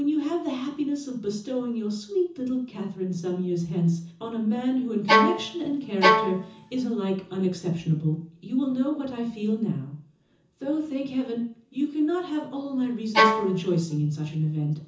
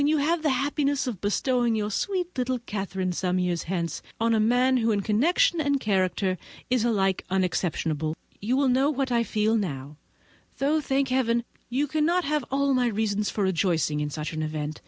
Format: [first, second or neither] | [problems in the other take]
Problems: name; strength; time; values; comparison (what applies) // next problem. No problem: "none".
second | background sound (Bowed string instrument); 4 dB above the speech // room echo; dies away in 0.6 s